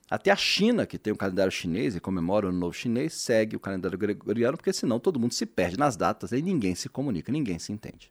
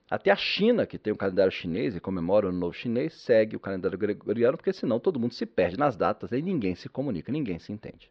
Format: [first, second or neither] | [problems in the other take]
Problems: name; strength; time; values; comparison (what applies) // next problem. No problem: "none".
first | muffled; slightly; fading above 4 kHz